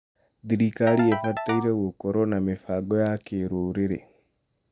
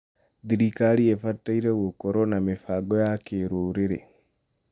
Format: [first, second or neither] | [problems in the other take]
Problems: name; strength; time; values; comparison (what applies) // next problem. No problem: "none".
second | background sound (Ringtone / Keyboard (musical)); 9 dB below the speech